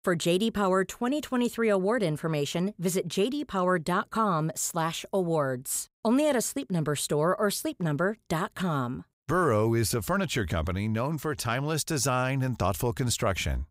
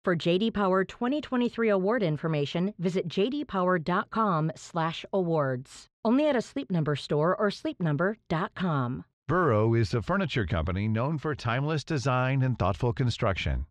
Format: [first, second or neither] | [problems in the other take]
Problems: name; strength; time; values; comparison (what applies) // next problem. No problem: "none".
first | muffled; slightly; fading above 4 kHz